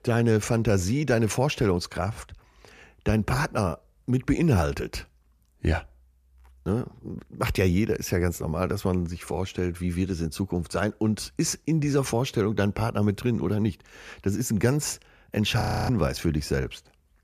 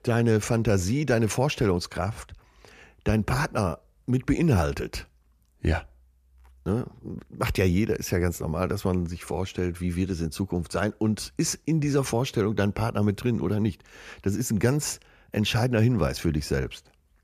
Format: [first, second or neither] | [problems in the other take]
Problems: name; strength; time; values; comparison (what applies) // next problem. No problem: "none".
second | audio freezing; at 16 s